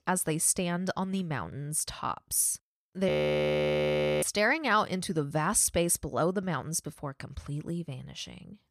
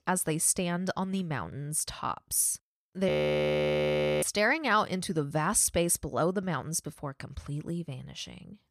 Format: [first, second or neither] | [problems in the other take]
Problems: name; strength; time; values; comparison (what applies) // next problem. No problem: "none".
neither | audio freezing; at 3 s for 1 s; the same in both